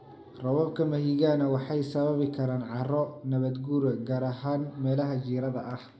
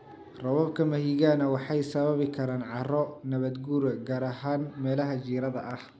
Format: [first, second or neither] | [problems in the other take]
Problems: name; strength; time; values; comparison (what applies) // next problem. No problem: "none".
second | room echo; dies away in 0.5 s